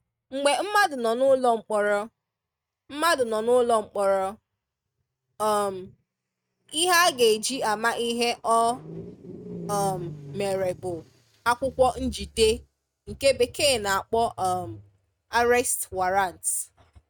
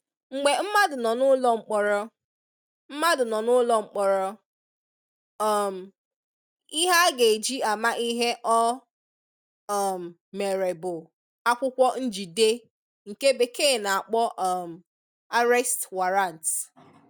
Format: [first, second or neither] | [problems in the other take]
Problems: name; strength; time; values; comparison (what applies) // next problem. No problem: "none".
second | noise reduction (neural mask model RNNoise)